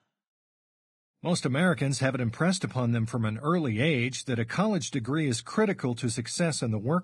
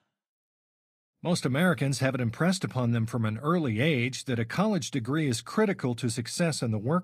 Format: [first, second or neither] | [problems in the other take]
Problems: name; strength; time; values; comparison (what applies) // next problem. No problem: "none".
second | garbled, watery; badly; slightly in the second